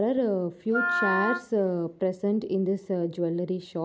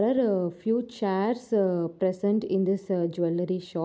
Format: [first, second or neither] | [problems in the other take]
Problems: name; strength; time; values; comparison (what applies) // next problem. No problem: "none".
second | background sound (Wind instrument, woodwind instrument); 3 dB below the speech